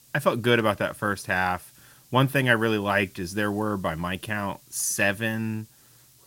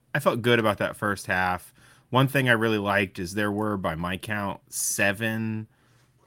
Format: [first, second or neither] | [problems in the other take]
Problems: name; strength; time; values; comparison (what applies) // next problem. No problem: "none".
second | hiss; faint; throughout; 25 dB below the speech